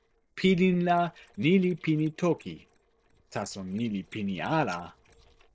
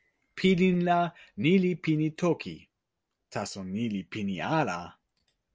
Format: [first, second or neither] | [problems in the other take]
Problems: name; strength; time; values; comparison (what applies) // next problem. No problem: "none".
second | noise reduction (neural separator model SepFormer DNS4)